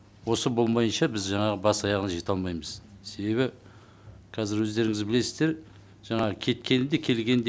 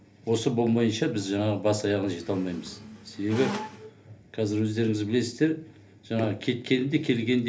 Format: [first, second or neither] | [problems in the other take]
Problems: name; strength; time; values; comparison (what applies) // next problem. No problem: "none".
first | background sound (Squeak); 11 dB below the speech // room echo; dies away in 0.3 s